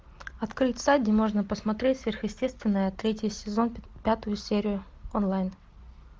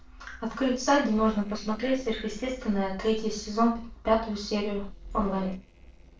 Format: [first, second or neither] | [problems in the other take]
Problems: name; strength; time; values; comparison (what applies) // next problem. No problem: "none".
first | noise reduction (neural separator model SepFormer DNS4)